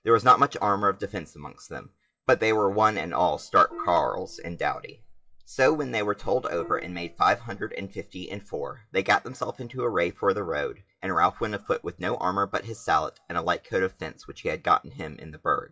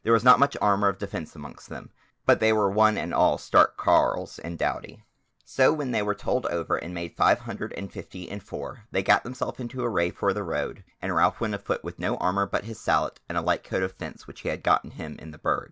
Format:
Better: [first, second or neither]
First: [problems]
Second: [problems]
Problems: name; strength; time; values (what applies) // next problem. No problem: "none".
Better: second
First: noise reduction (classical method WPE with log-MMSE)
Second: none